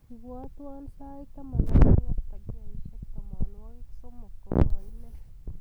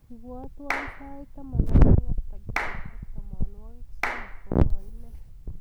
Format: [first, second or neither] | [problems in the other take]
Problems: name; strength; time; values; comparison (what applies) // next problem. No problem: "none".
first | background sound (Clapping); 12 dB below the speech